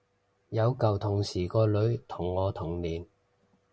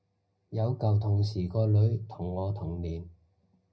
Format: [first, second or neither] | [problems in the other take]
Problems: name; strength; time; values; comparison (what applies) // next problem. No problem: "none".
first | room echo; dies away in 0.4 s